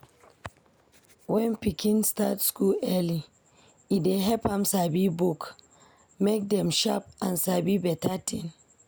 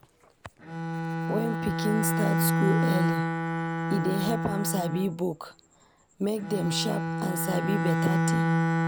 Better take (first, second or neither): first